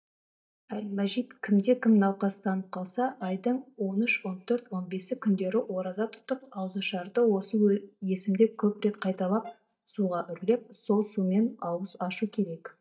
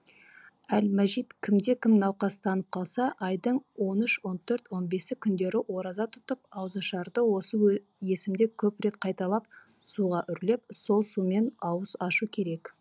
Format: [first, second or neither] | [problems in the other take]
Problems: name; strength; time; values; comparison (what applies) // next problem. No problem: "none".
second | noise reduction (neural mask model DeepFilterNet 3)